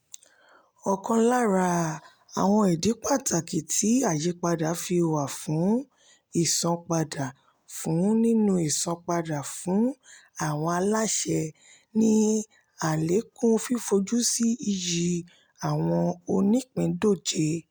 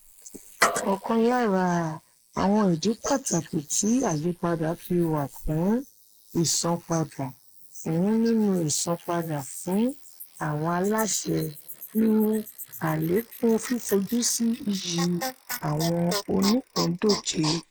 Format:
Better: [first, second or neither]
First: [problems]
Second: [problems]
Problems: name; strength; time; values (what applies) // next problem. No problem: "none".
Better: first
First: none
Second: noise reduction (neural mask model Resemble Enhance denoiser)